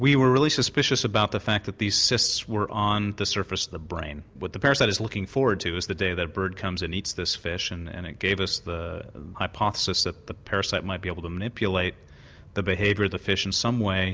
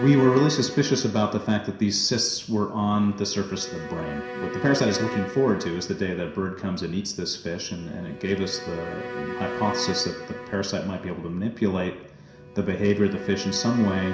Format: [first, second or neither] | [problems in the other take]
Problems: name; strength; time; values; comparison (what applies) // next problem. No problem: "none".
first | background sound (Bowed string instrument); 11 dB below the speech // room echo; dies away in 0.7 s